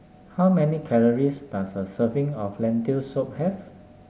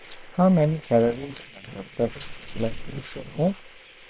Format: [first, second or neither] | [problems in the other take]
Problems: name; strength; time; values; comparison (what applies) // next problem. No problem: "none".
first | noise reduction (neural separator model SepFormer WHAM!)